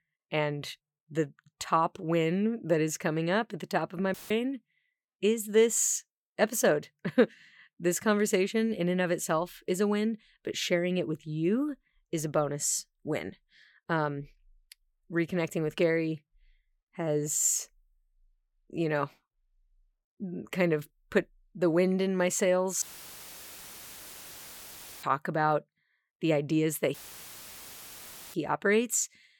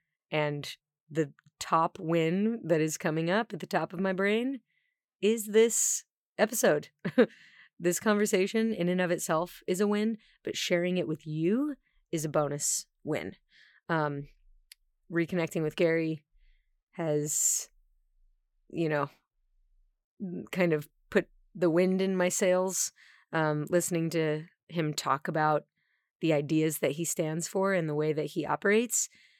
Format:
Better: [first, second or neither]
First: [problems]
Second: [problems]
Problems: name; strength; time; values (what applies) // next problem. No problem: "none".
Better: second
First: audio cutting out; filled with static; at 4 s, at 23 s for 2 s and at 27 s for 1.5 s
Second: none